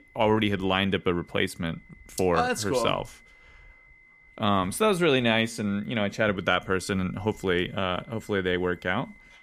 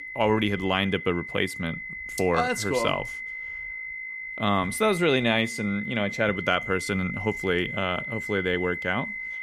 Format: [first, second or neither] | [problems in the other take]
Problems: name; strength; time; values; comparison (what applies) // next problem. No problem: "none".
first | high-pitched whine; loud; throughout; 2 kHz, 7 dB below the speech; faint in the first